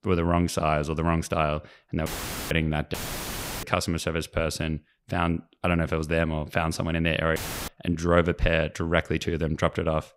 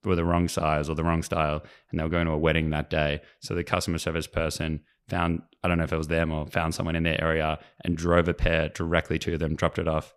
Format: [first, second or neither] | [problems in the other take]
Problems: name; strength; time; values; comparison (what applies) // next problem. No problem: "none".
second | audio cutting out; filled with static; at 2 s, at 3 s for 0.5 s and at 7.5 s